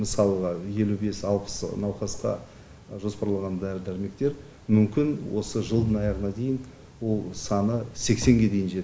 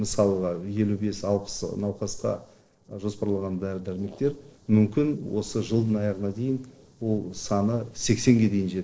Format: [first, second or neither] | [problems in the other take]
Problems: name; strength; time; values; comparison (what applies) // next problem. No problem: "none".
first | noise reduction (neural separator model SepFormer DNS4)